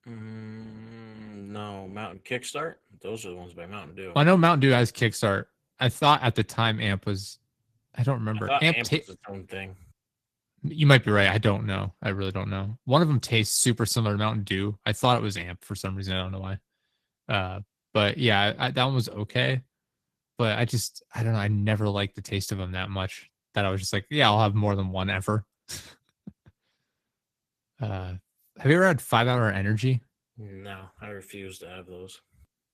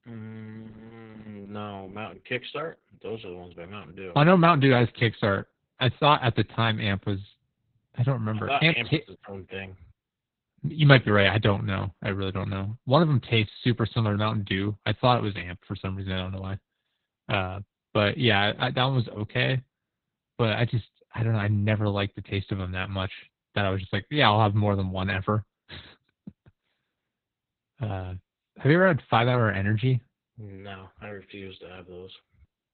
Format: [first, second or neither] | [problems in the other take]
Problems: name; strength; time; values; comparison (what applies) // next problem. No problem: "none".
first | garbled, watery; badly; nothing above 4 kHz; slightly in the first